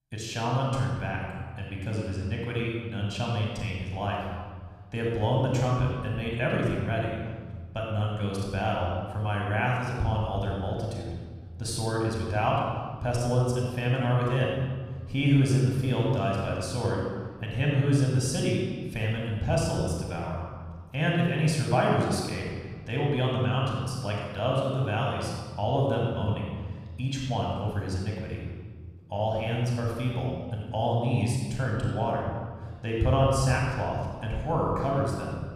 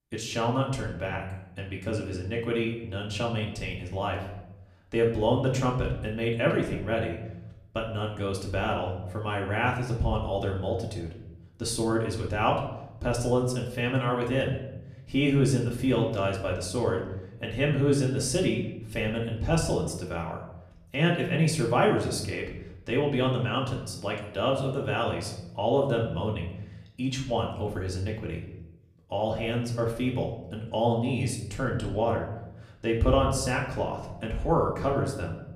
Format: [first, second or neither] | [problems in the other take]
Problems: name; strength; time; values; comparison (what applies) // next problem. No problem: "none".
second | room echo; strong; dies away in 1.5 s; slight in the second // off-mic speech; far; far in the second